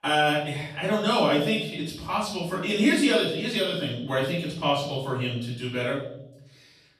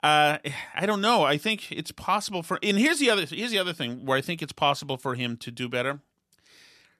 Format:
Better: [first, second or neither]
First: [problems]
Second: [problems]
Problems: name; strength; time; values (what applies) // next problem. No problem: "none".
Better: second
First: room echo; noticeable; dies away in 0.8 s // off-mic speech; far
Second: none